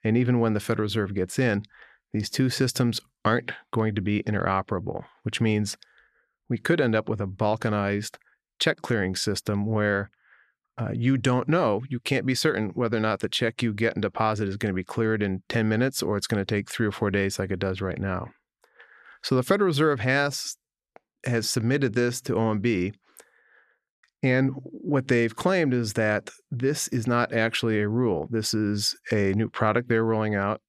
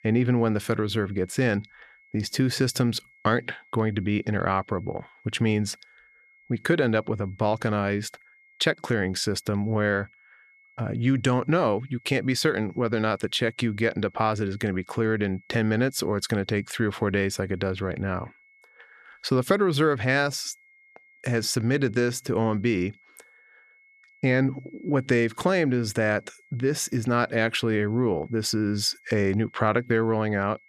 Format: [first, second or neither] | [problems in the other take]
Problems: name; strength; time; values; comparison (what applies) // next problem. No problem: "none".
first | high-pitched whine; faint; throughout; 2 kHz, 30 dB below the speech